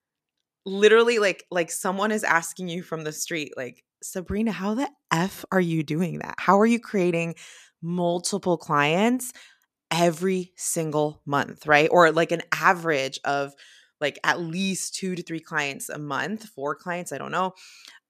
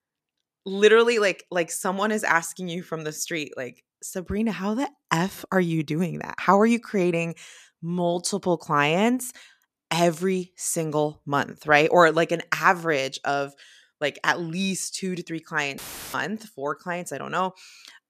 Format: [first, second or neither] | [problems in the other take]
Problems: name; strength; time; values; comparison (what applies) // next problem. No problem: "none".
first | audio cutting out; filled with static; at 16 s